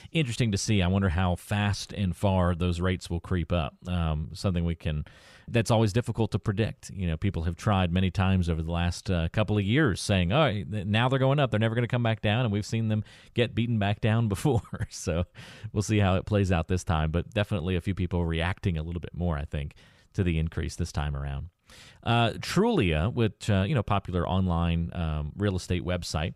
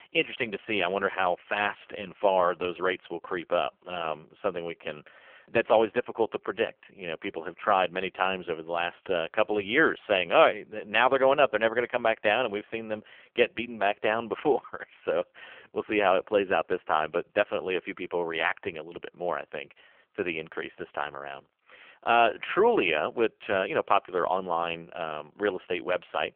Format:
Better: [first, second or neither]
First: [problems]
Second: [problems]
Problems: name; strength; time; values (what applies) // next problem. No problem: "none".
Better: first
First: none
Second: phone-call audio; poor line; nothing above 3 kHz